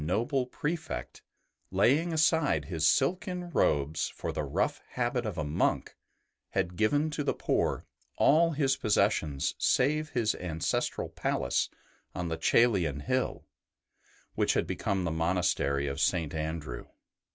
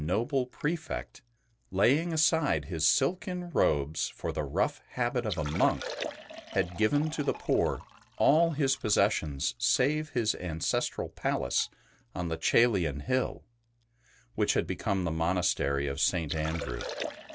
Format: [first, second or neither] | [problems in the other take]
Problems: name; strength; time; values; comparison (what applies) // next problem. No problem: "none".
first | background sound (Liquid); 16 dB below the speech